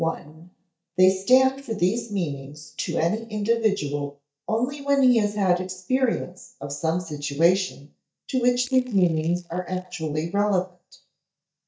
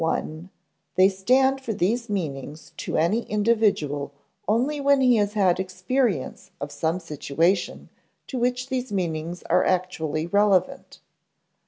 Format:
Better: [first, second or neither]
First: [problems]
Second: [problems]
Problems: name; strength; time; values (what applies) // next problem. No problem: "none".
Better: second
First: noise reduction (neural mask model DeepFilterNet 3)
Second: none